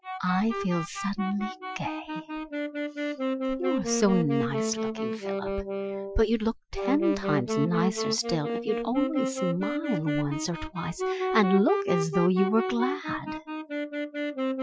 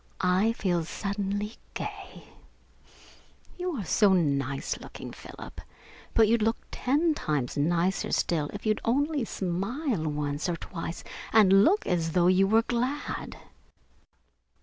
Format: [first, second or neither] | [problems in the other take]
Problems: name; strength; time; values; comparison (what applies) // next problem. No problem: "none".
second | noise reduction (classical method Wiener filter)